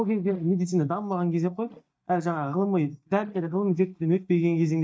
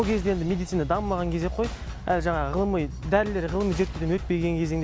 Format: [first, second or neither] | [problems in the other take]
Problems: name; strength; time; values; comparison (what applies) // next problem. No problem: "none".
second | noise reduction (neural mask model DeepFilterNet 3)